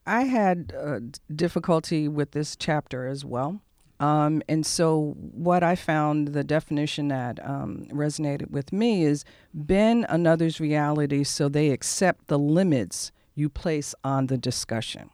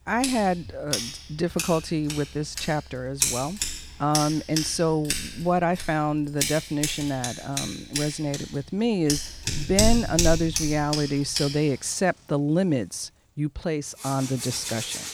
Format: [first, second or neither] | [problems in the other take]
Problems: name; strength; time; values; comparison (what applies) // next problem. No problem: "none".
first | household noises; loud; throughout; 3 dB below the speech